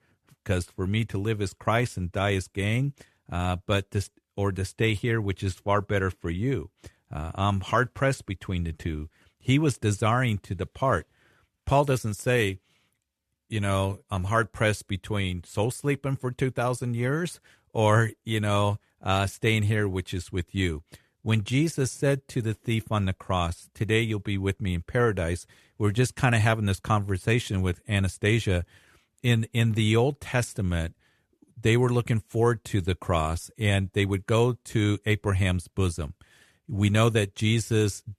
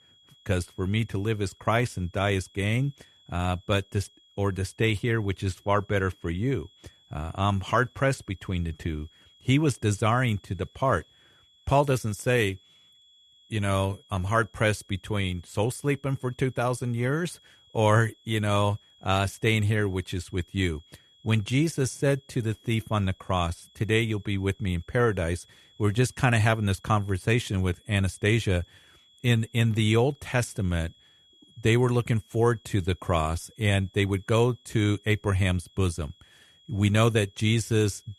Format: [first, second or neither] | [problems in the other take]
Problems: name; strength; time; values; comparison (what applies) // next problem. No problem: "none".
first | high-pitched whine; faint; throughout; 3.5 kHz, 30 dB below the speech